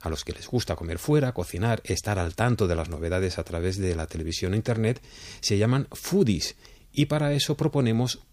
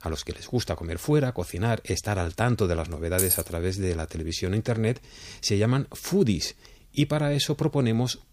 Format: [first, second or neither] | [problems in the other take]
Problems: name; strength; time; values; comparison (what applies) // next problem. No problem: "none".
first | jangling keys; loud; at 3 s; peak 3 dB above the speech